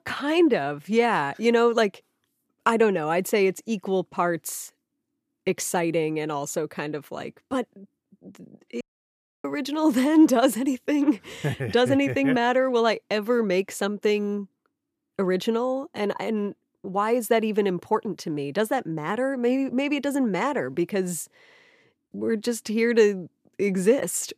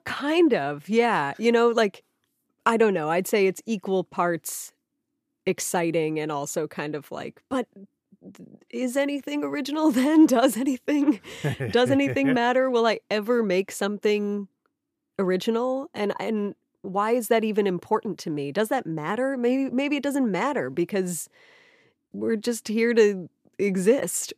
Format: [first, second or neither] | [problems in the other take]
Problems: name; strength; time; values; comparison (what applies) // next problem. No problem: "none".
second | audio cutting out; at 9 s for 0.5 s